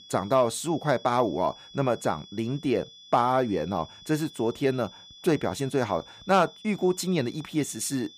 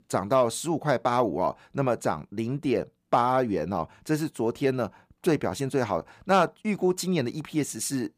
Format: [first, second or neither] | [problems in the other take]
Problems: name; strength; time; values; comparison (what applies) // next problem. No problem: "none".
second | high-pitched whine; noticeable; throughout; 3.5 kHz, 20 dB below the speech